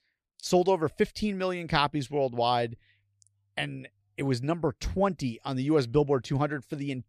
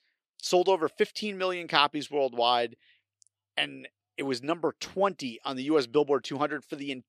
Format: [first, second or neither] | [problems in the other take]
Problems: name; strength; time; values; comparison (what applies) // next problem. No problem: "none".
first | thin; very slightly; fading below 350 Hz